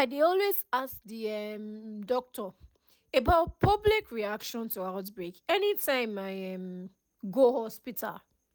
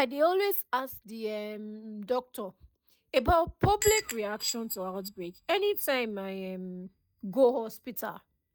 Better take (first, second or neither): first